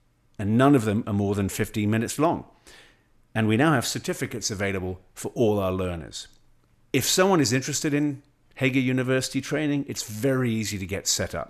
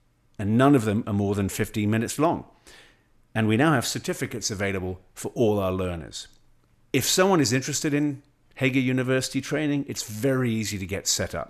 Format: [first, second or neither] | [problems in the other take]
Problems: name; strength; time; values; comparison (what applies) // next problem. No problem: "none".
neither | none